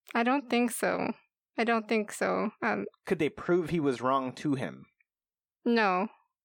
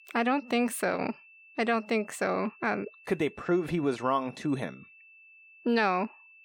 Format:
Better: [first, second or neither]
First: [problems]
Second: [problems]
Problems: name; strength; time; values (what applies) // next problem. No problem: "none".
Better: first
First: none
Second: high-pitched whine; faint; throughout; 2.5 kHz, 25 dB below the speech